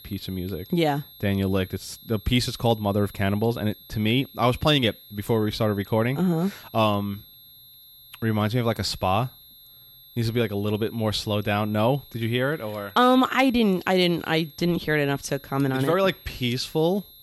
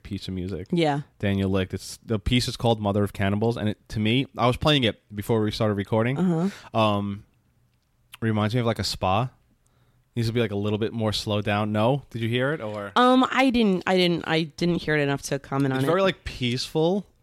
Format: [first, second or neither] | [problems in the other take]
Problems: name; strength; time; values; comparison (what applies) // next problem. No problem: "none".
second | high-pitched whine; faint; throughout; 11.5 kHz, 20 dB below the speech